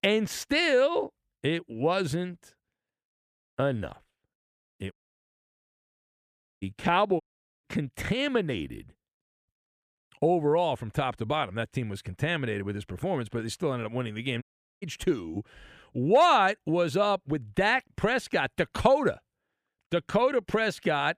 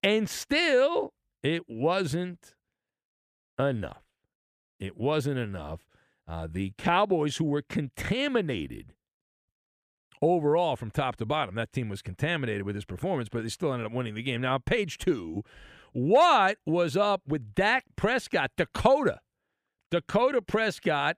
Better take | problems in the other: second | audio cutting out; at 5 s for 1.5 s, at 7 s and at 14 s

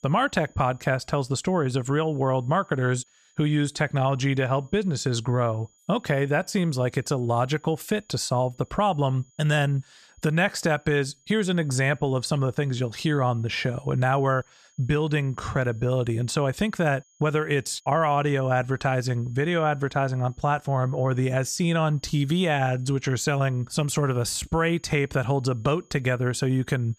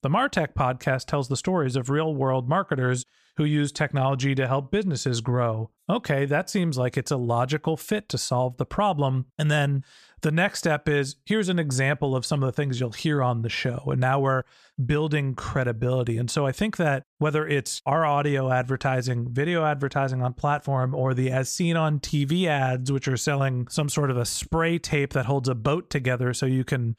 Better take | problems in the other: second | high-pitched whine; faint; throughout; 6.5 kHz, 35 dB below the speech

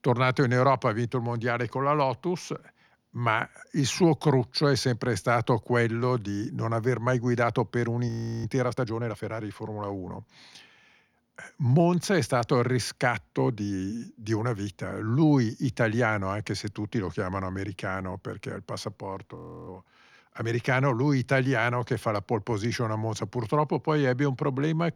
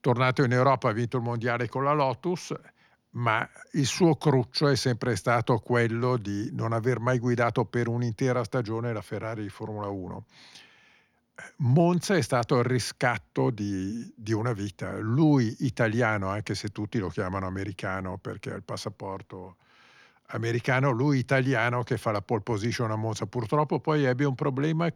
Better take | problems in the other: second | audio freezing; at 8 s and at 19 s

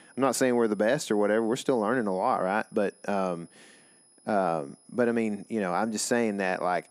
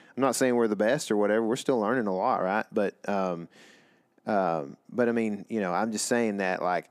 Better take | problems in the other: second | high-pitched whine; faint; throughout; 10.5 kHz, 30 dB below the speech

